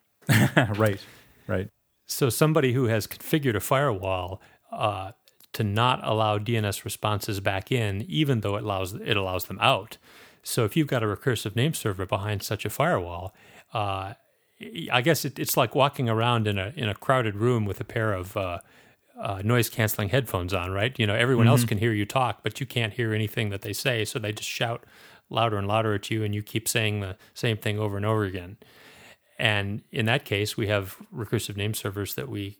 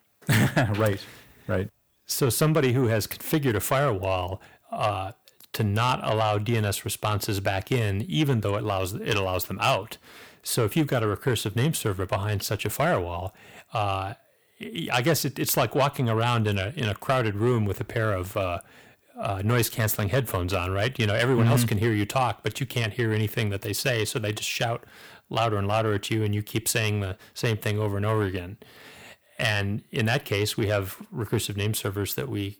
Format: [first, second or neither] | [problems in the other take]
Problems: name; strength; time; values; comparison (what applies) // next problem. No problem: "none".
first | distortion; slight; 10 dB below the speech